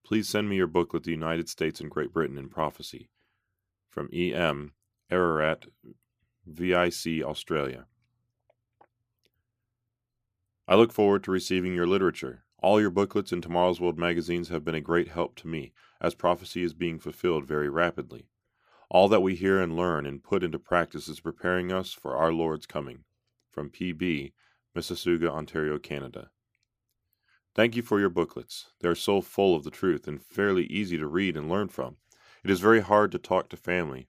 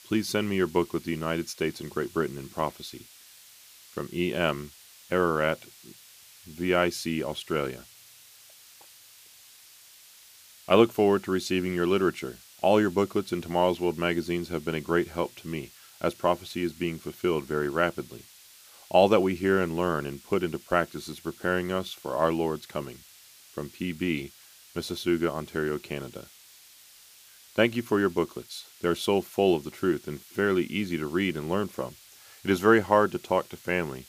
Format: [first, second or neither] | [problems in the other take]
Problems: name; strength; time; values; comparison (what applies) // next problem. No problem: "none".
first | hiss; faint; throughout; 20 dB below the speech